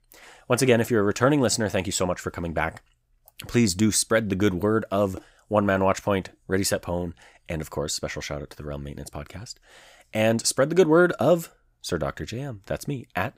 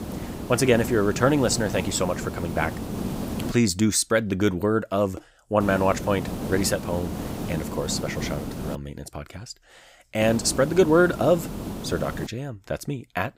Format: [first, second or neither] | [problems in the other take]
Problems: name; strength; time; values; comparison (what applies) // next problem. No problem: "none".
first | hiss; loud; until 3.5 s, from 5.5 to 9 s and from 10 to 12 s; 9 dB below the speech